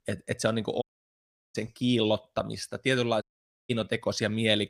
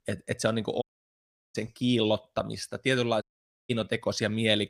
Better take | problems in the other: neither | audio cutting out; at 1 s for 0.5 s and at 3 s; the same in both

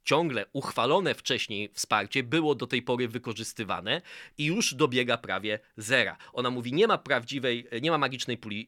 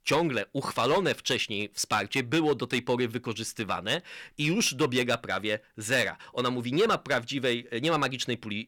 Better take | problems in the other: first | distortion; slight; 4% of the sound clipped

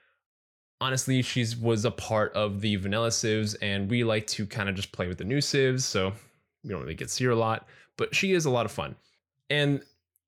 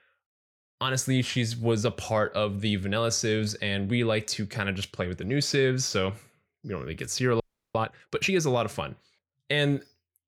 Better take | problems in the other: first | audio freezing; at 7.5 s

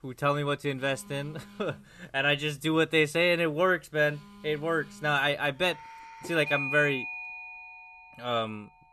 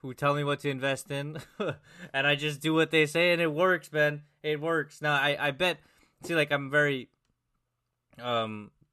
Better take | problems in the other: second | alarms or sirens; loud; throughout; 10 dB below the speech

